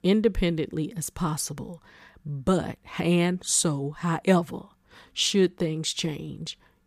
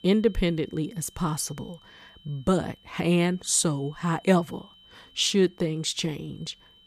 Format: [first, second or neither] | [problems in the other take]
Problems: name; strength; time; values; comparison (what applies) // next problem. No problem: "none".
first | high-pitched whine; faint; throughout; 3 kHz, 25 dB below the speech